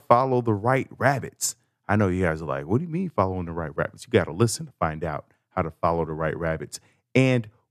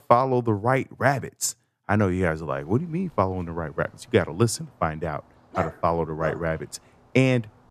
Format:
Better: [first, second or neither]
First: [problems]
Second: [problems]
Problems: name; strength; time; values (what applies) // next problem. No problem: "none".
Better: first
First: none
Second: dog barking; noticeable; at 5.5 s; peak 7 dB below the speech